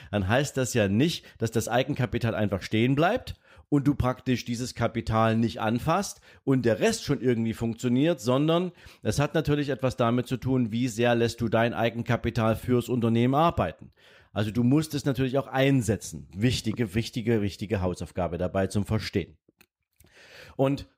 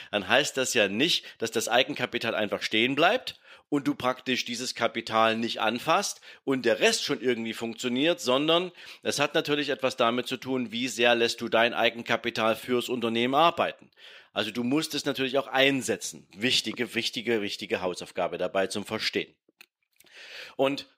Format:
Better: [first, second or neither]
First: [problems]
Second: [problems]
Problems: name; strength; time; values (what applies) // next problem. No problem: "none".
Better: first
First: none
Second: thin; somewhat; fading below 300 Hz